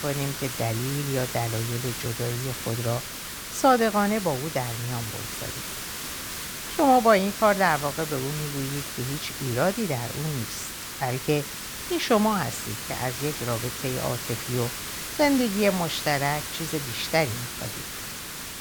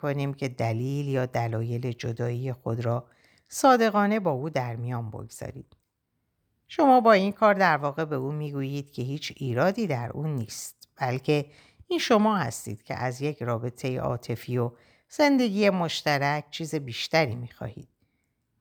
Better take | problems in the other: second | hiss; loud; throughout; 6 dB below the speech

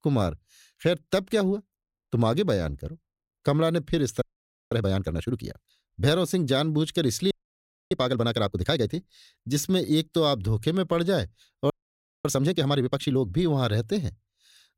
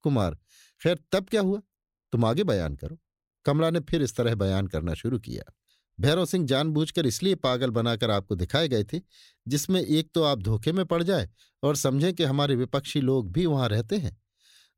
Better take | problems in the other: second | audio freezing; at 4 s, at 7.5 s for 0.5 s and at 12 s for 0.5 s

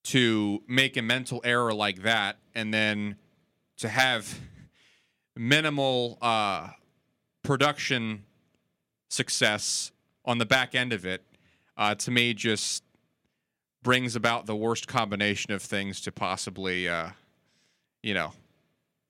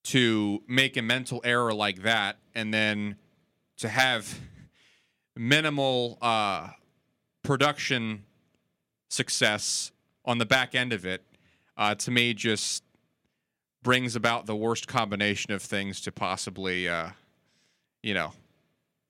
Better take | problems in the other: neither | none

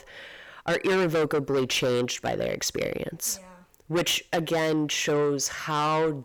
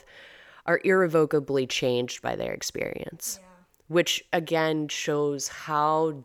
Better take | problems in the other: second | distortion; heavy; 7 dB below the speech

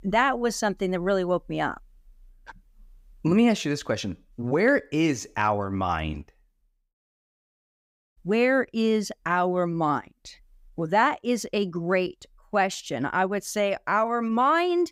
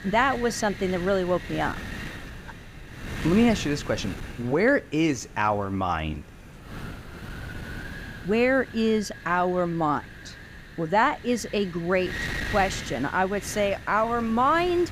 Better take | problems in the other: first | wind noise on the microphone; occasional gusts; 15 dB below the speech

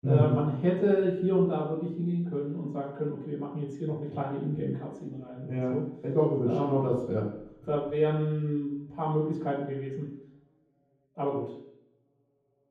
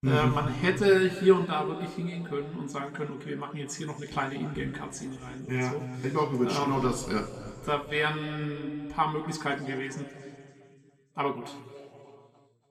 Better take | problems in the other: second | room echo; strong; dies away in 0.9 s; slight in the second // off-mic speech; far; somewhat distant in the second

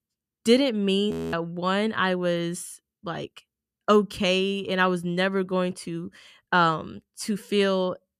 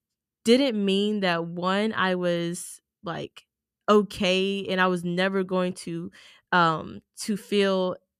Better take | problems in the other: second | audio freezing; at 1 s

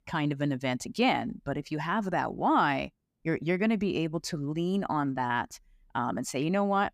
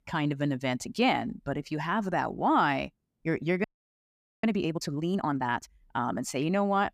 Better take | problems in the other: first | audio freezing; at 3.5 s for 1 s

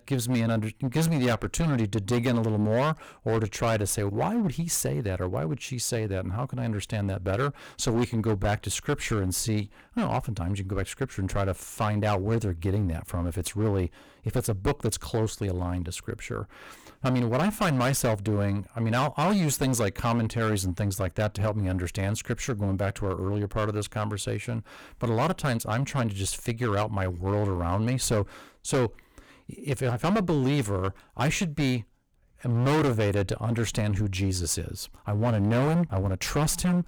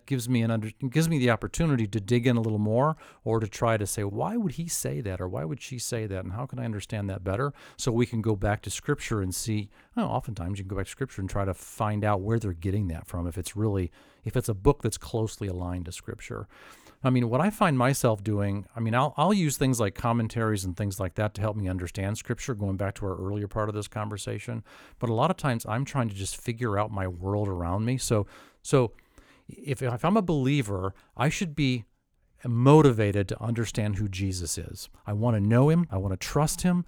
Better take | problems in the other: second | distortion; heavy; 13% of the sound clipped

